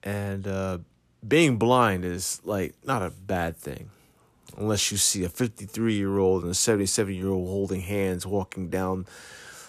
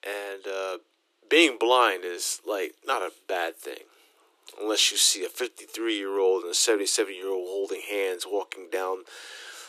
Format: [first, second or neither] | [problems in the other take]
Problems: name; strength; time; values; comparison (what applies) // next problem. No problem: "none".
first | thin; very; fading below 300 Hz